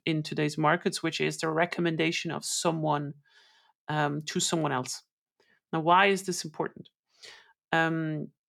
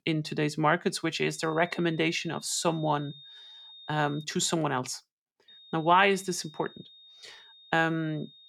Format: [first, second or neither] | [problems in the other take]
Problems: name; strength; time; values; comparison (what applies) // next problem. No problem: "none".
first | high-pitched whine; faint; from 1.5 to 4 s and from 5.5 s on; 3.5 kHz, 20 dB below the speech